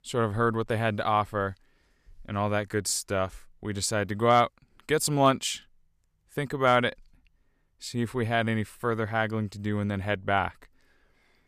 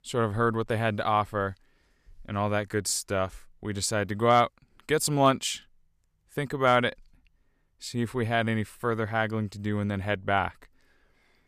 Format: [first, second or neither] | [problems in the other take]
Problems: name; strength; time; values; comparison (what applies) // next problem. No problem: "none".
neither | none